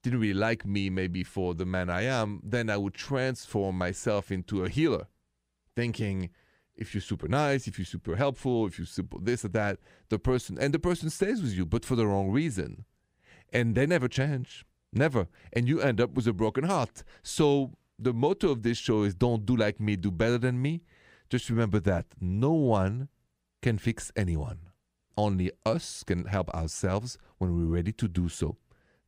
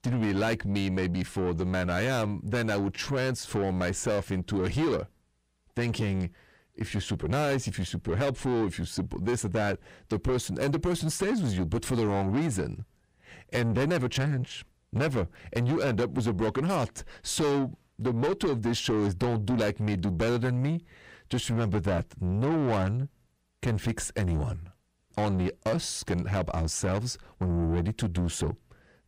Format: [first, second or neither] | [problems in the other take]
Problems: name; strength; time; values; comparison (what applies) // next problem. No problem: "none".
first | distortion; heavy; 7 dB below the speech